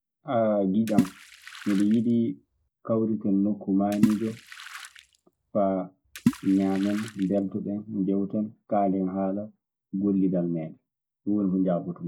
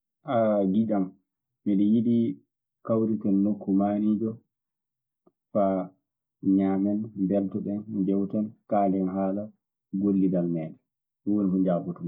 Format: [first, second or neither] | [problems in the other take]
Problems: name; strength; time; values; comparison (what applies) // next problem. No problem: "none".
second | background sound (Water / Splash, splatter); 6 dB below the speech